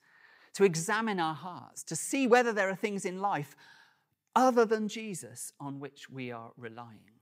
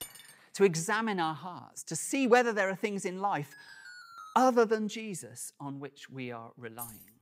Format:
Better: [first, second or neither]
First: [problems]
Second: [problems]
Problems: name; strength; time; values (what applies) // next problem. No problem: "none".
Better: first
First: none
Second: clattering dishes; faint; at the start; peak 15 dB below the speech // alarm; faint; at 3.5 s; peak 15 dB below the speech // jangling keys; faint; at 7 s; peak 15 dB below the speech